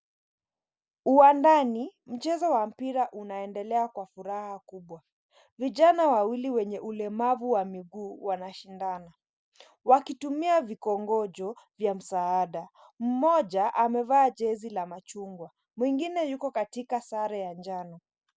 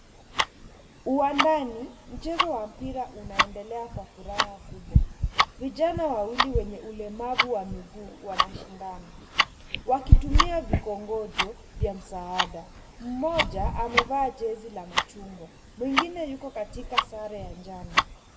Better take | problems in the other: first | background sound (Tick-tock); 4 dB above the speech // room echo; dies away in 1.2 s

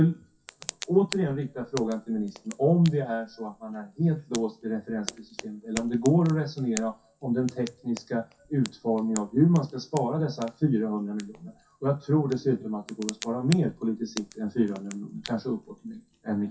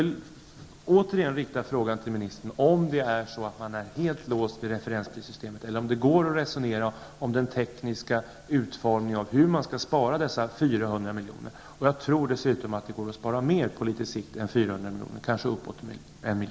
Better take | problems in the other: second | noise reduction (classical method WPE with log-MMSE)

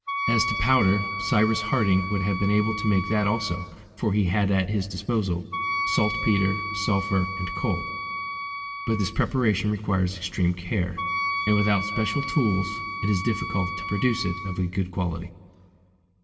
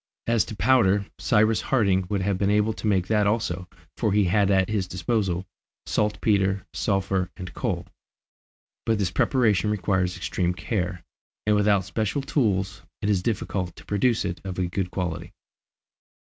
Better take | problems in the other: second | background sound (Wind instrument, woodwind instrument); 7 dB below the speech // room echo; dies away in 1.5 s

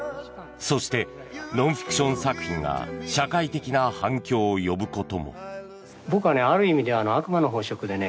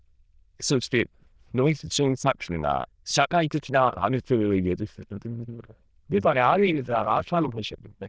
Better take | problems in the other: first | noise reduction (neural diffusion model UNIVERSE++)

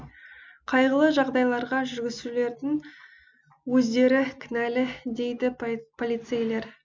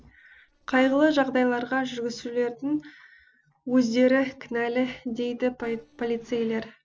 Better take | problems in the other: first | noise reduction (neural separator model SepFormer DNS4)

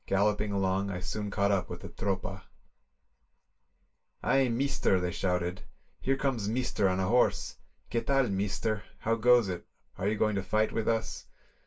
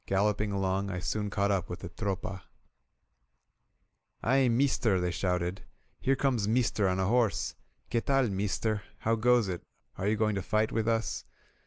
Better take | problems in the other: second | room echo; dies away in 0.1 s

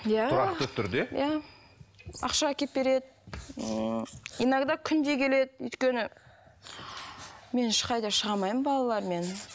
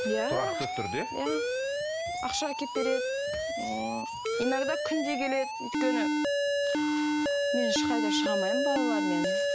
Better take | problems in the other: first | background sound (Alarm); 4 dB above the speech

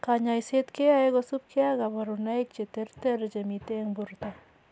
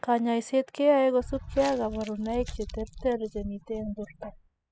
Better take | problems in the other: first | noise reduction (classical method spectral subtraction)

